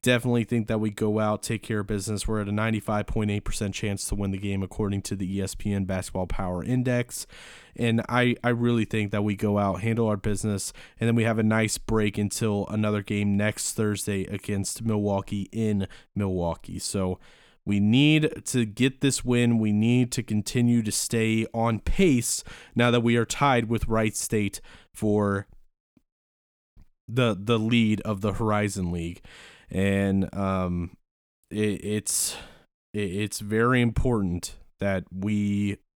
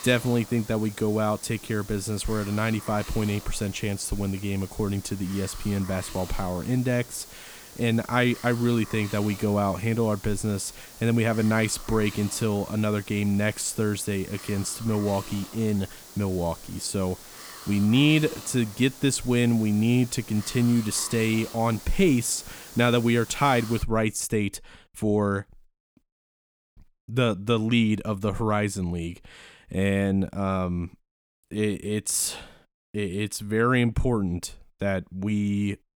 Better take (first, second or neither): first